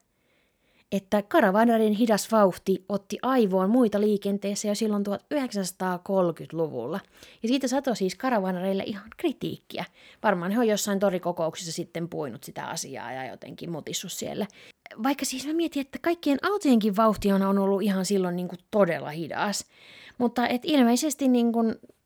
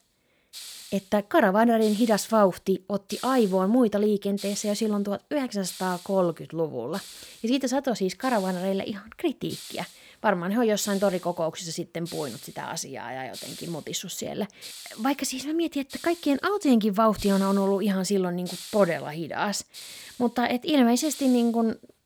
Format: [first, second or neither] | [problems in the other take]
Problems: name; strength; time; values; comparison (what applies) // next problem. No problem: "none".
first | hiss; noticeable; throughout; 15 dB below the speech